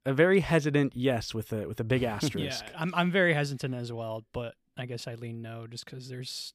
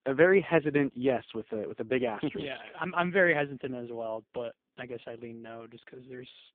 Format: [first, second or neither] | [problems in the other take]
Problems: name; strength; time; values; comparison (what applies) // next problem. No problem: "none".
first | phone-call audio; poor line